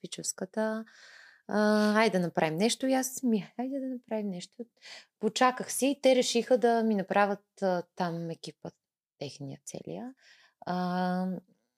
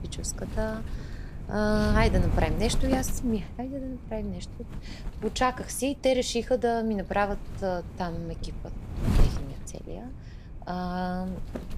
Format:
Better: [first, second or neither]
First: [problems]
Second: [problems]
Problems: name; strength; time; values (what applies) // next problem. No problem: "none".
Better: first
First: none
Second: wind noise on the microphone; occasional gusts; 15 dB below the speech